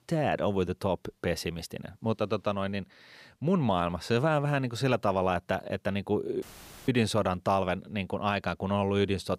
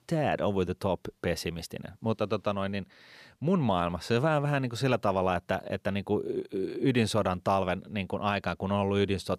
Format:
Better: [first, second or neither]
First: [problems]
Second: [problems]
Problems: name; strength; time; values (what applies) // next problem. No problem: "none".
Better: second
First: audio cutting out; filled with static; at 6.5 s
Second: none